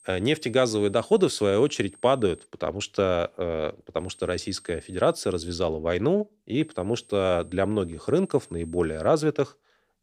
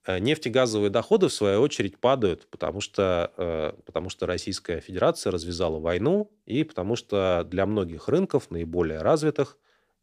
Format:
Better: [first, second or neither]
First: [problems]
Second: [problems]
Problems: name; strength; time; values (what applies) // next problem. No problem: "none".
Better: second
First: high-pitched whine; faint; until 2.5 s, from 4 to 5.5 s and from 6.5 to 9 s; 8.5 kHz, 25 dB below the speech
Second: none